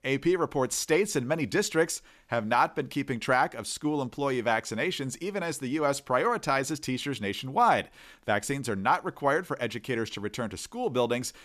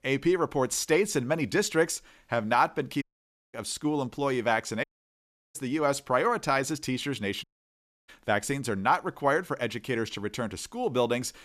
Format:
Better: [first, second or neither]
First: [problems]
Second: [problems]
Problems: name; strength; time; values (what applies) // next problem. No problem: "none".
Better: first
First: none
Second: audio cutting out; at 3 s for 0.5 s, at 5 s for 0.5 s and at 7.5 s for 0.5 s